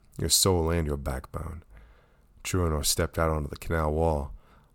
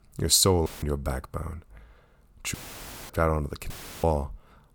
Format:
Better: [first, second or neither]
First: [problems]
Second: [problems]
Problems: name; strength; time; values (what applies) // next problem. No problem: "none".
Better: first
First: none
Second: audio cutting out; filled with static; at 0.5 s, at 2.5 s for 0.5 s and at 3.5 s